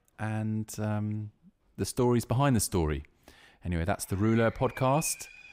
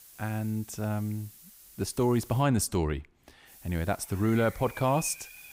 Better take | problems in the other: first | hiss; faint; until 2.5 s and from 3.5 s on; 20 dB below the speech

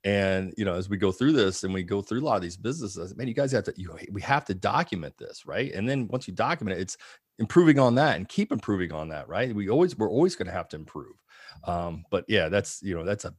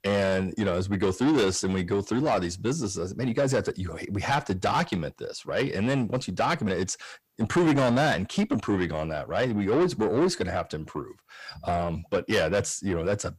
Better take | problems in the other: first | distortion; heavy; 7 dB below the speech

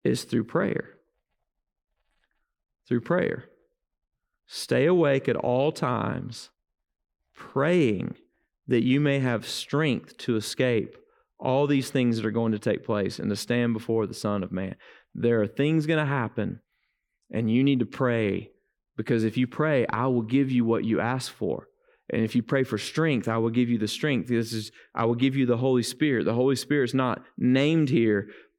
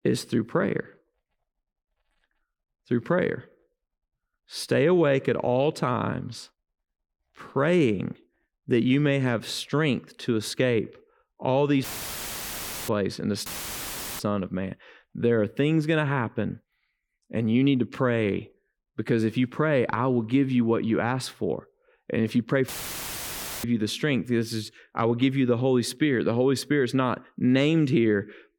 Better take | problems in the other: first | audio cutting out; filled with static; at 12 s for 1 s, at 13 s for 0.5 s and at 23 s for 1 s

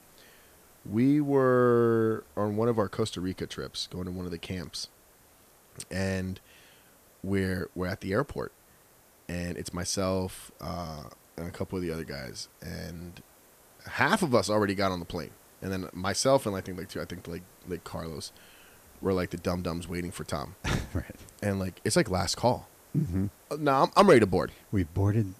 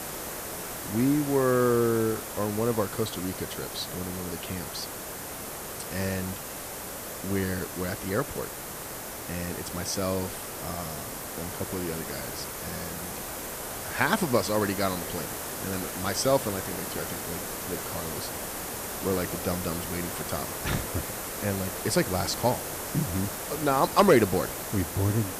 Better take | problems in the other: first | hiss; loud; throughout; 5 dB below the speech; faint in the first

